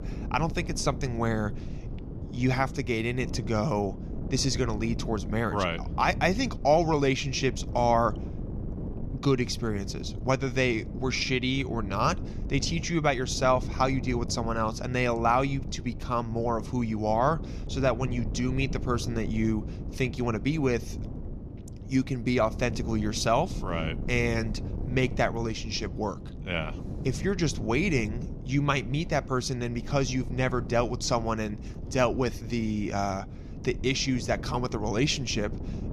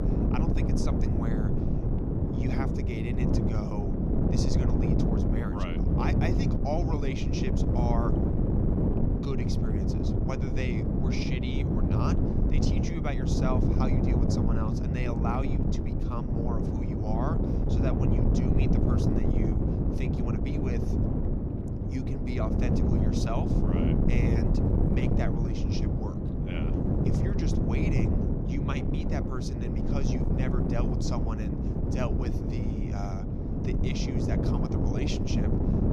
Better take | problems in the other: first | wind noise on the microphone; heavy; 3 dB above the speech; occasional gusts in the first

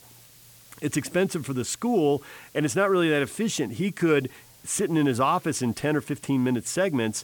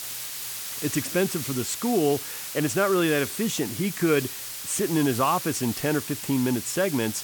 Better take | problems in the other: first | hiss; loud; throughout; 7 dB below the speech; faint in the first

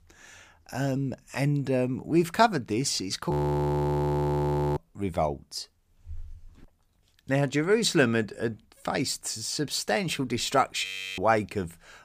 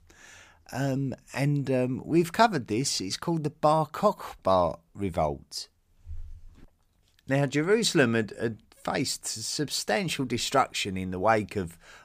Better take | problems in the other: second | audio freezing; at 3.5 s for 1.5 s and at 11 s

